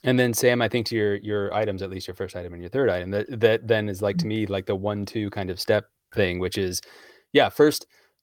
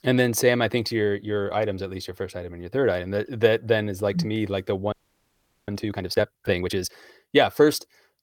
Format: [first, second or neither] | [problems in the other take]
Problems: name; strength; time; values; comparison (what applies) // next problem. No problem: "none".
first | audio freezing; at 5 s for 1 s